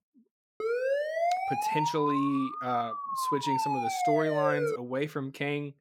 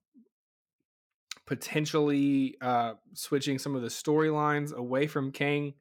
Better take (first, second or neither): second